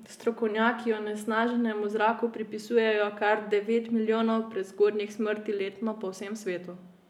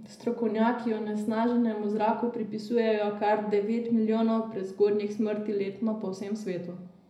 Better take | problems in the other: first | room echo; dies away in 0.4 s

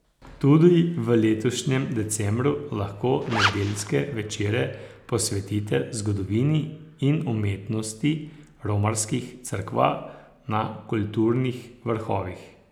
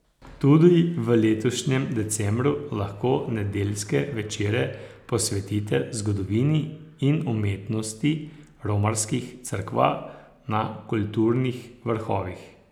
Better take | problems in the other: second | background sound (Zipper (clothing)); 2 dB below the speech

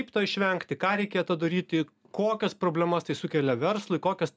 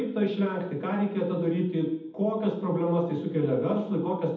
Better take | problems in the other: first | room echo; dies away in 0.8 s

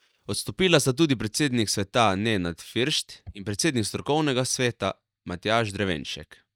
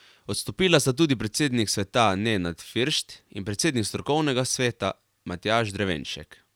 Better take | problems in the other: second | noise reduction (neural mask model DeepFilterNet 3)

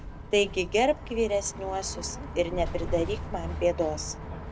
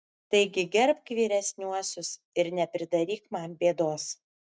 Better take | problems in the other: second | background sound (Bus); 7 dB below the speech

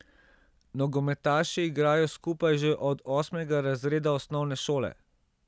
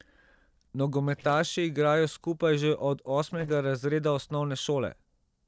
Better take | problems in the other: first | noise reduction (neural separator model SepFormer DNS4)

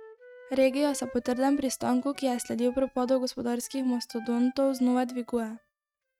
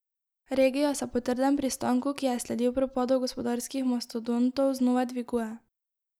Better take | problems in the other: second | noise reduction (neural mask model RNNoise)

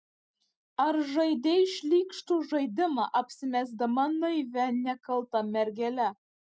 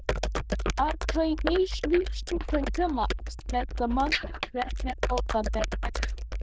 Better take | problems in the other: first | noise reduction (neural diffusion model UNIVERSE++)

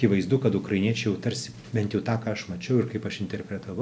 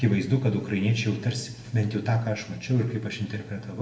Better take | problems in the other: first | room echo; dies away in 0.8 s

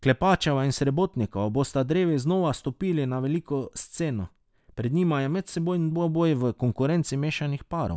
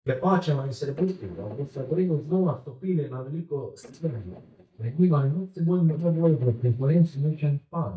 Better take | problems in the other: first | noise reduction (neural mask model DeepFilterNet 3)

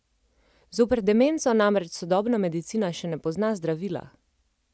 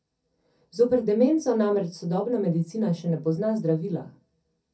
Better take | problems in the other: first | room echo; dies away in 0.3 s

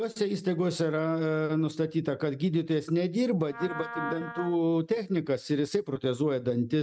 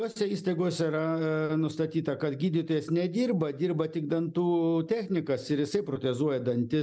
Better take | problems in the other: second | noise reduction (neural mask model RNNoise)

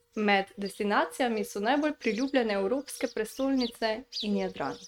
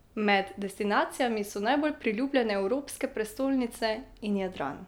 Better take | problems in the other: second | noise reduction (neural mask model RNNoise)

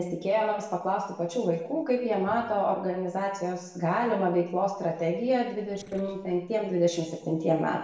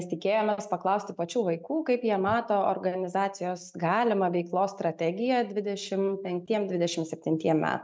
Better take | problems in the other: second | noise reduction (neural separator model SepFormer DNS4)

